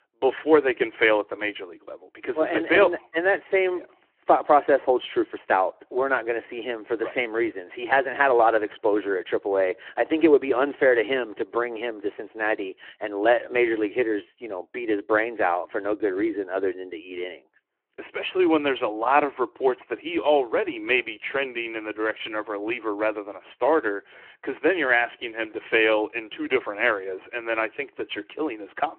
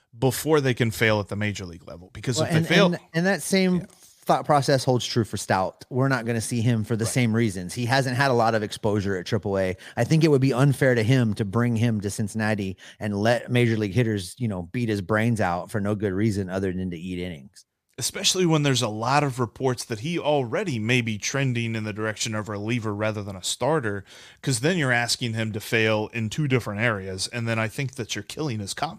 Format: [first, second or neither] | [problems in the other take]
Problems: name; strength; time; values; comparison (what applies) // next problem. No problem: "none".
second | phone-call audio